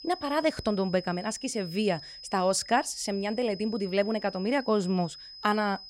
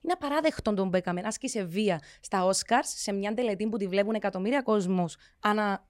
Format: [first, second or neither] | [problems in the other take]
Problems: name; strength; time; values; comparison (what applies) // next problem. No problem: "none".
second | high-pitched whine; noticeable; throughout; 5 kHz, 15 dB below the speech